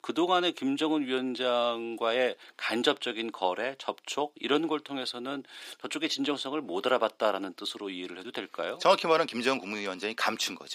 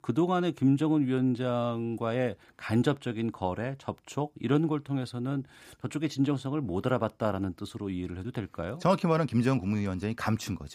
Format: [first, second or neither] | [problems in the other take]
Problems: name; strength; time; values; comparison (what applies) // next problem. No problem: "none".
second | thin; somewhat; fading below 350 Hz